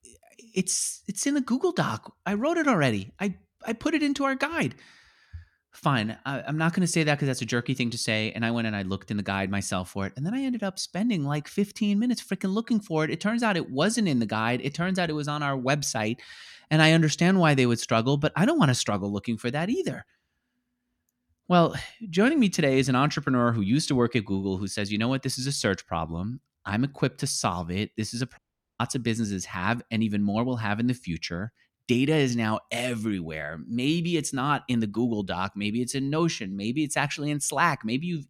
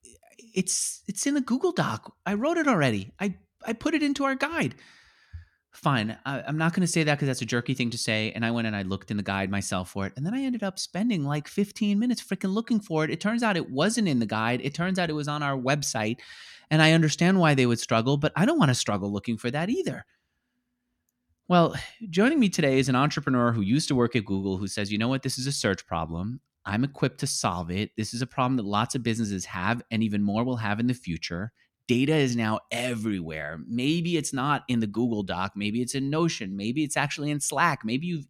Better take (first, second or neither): second